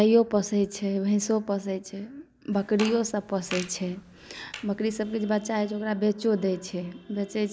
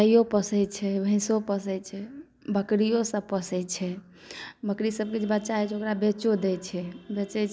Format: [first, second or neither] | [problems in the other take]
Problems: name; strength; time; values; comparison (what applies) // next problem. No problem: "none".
second | background sound (Fart); 15 dB below the speech